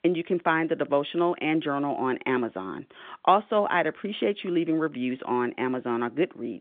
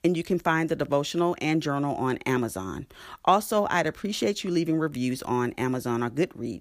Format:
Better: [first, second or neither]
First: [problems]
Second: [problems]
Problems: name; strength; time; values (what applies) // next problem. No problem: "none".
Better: second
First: phone-call audio; nothing above 3.5 kHz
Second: none